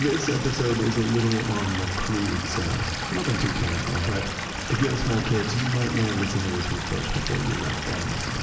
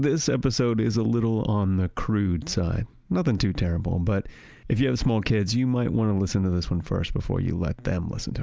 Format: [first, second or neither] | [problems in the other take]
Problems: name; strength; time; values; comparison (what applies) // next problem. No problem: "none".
second | background sound (Stream / Liquid); 5 dB below the speech // room echo; dies away in 2.1 s